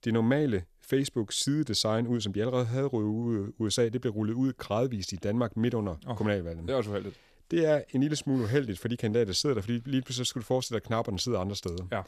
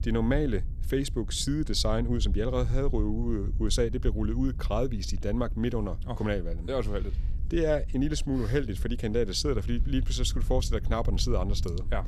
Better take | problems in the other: first | low rumble; faint; throughout; 20 dB below the speech

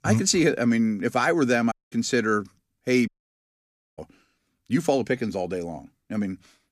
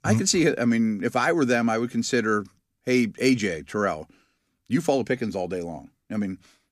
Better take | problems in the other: second | audio cutting out; at 1.5 s and at 3 s for 1 s

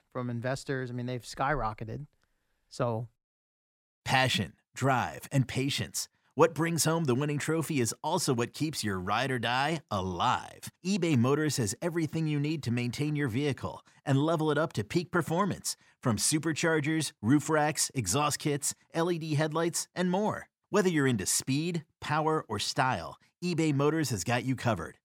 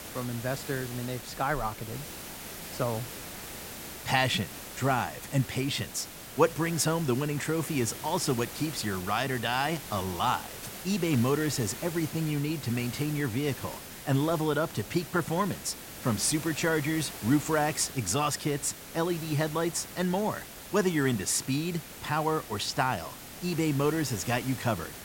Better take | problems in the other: first | hiss; noticeable; throughout; 10 dB below the speech

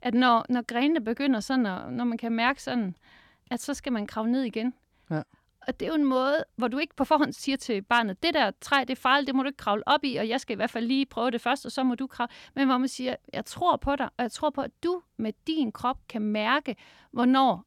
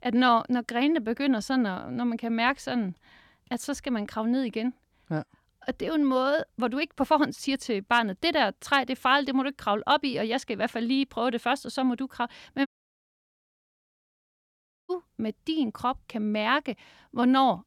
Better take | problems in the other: first | audio cutting out; at 13 s for 2 s

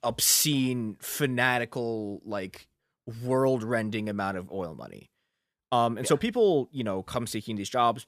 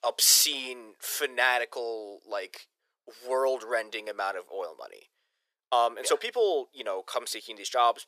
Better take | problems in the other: first | thin; very; fading below 450 Hz

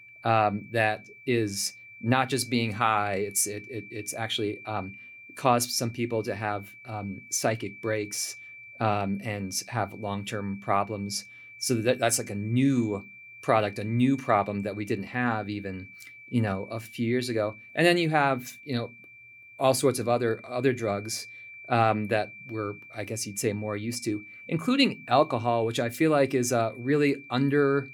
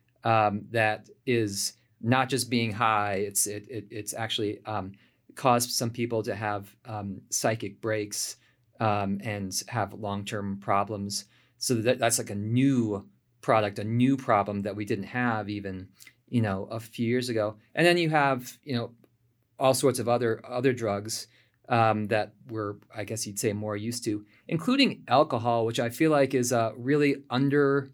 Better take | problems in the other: second | high-pitched whine; noticeable; throughout; 2.5 kHz, 20 dB below the speech

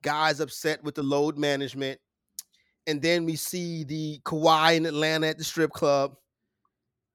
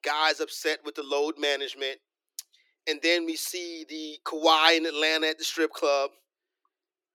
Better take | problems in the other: first | thin; very; fading below 300 Hz

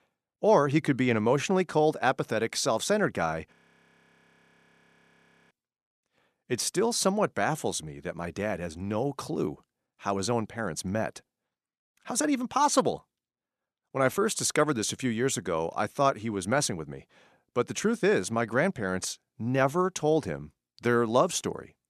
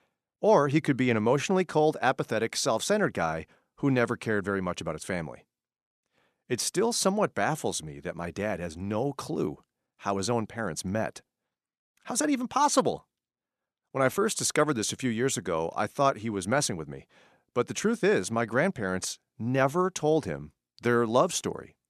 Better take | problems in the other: second | audio freezing; at 3.5 s for 2 s

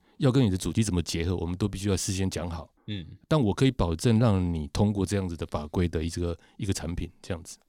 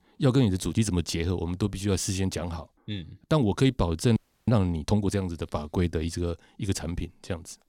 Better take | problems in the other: first | audio freezing; at 4 s

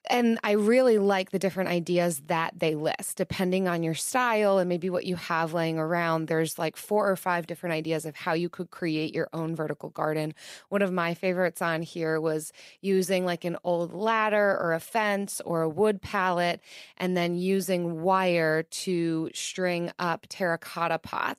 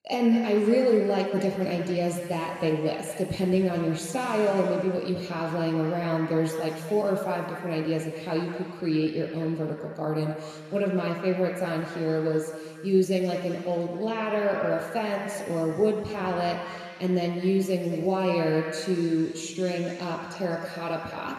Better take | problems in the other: first | room echo; noticeable; dies away in 2.3 s // off-mic speech; somewhat distant

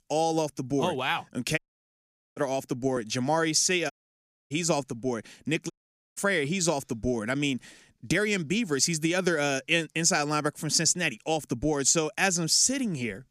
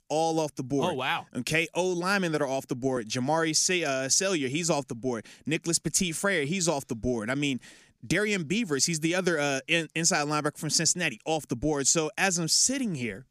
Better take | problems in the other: second | audio cutting out; at 1.5 s for 1 s, at 4 s for 0.5 s and at 5.5 s

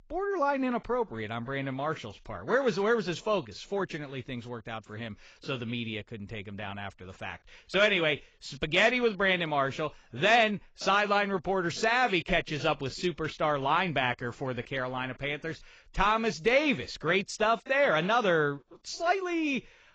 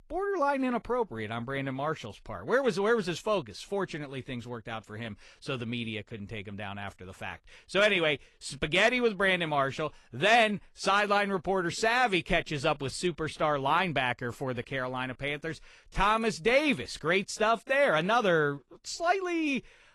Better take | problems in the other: second | garbled, watery; badly; nothing above 7.5 kHz; slightly in the second

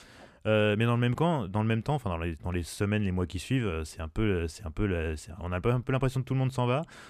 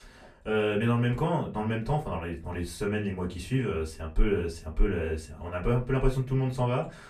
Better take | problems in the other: first | off-mic speech; far // room echo; very slight; dies away in 0.2 s

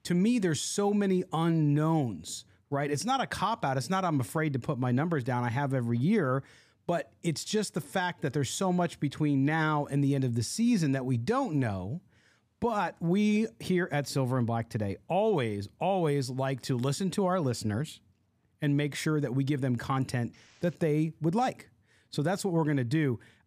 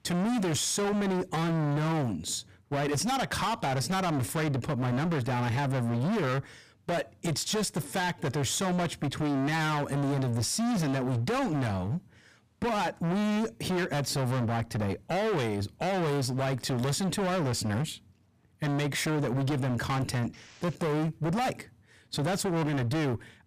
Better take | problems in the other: first | distortion; heavy; 37% of the sound clipped

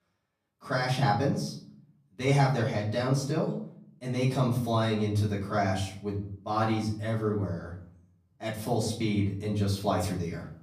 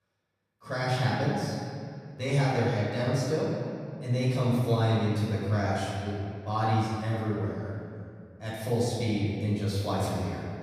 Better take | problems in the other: first | room echo; strong; dies away in 2.2 s; slight in the first // off-mic speech; far; far in the first

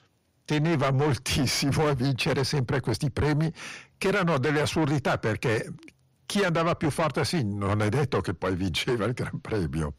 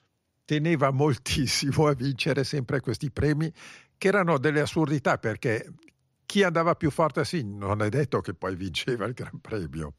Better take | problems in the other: second | distortion; heavy; 6 dB below the speech

